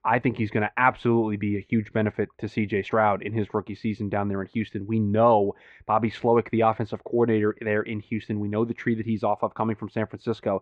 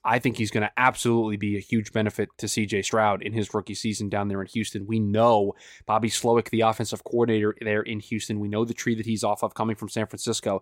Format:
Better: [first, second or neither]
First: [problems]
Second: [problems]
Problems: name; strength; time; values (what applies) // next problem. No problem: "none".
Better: second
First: muffled; very; fading above 2.5 kHz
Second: none